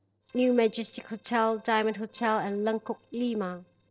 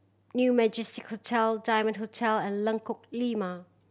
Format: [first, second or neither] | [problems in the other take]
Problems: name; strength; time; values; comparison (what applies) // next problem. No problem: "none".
second | noise reduction (neural separator model SepFormer DNS4)